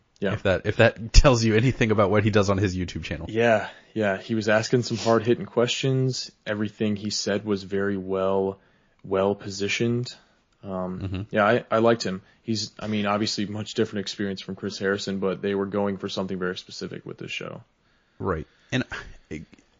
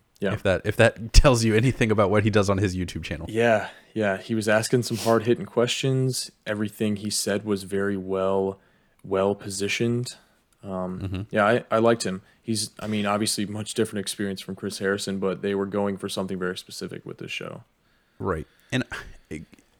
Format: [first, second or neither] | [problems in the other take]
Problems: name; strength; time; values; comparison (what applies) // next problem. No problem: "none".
second | garbled, watery; slightly